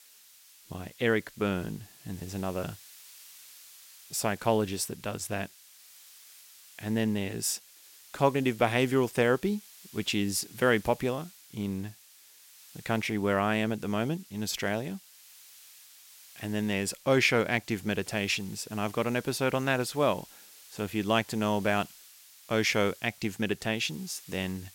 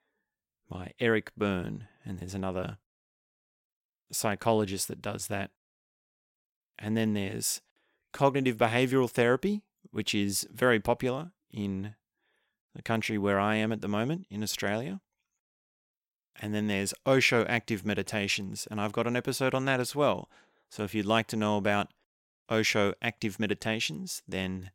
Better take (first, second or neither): second